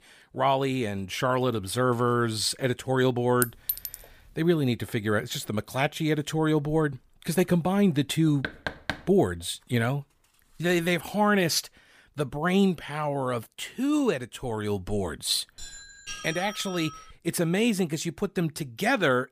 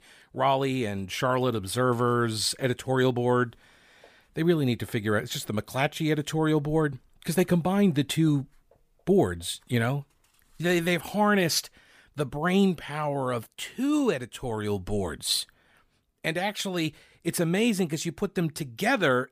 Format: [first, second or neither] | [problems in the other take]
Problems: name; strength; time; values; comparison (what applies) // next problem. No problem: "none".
second | clattering dishes; noticeable; at 3.5 s; peak 2 dB below the speech // door banging; noticeable; at 8.5 s; peak 7 dB below the speech // doorbell; faint; from 16 to 17 s; peak 10 dB below the speech